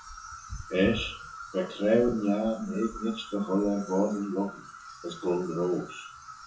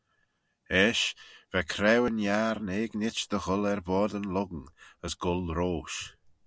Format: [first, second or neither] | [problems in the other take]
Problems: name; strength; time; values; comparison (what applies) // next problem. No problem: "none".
second | noise reduction (classical method WPE with log-MMSE)